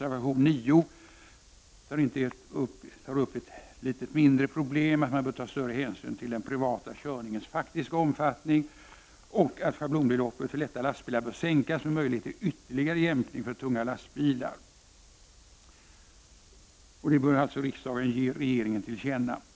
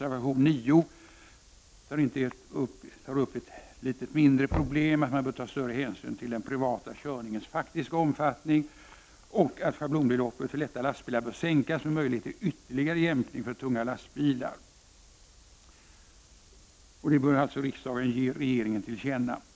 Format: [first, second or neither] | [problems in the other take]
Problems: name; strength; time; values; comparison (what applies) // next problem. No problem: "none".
first | background sound (Knock); 13 dB below the speech